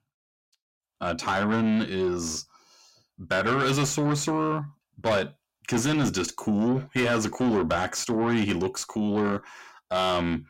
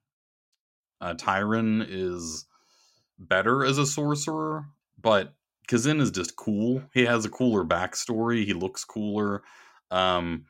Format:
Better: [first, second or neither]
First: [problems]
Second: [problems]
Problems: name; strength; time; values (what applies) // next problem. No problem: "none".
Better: second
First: distortion; heavy; 7 dB below the speech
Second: none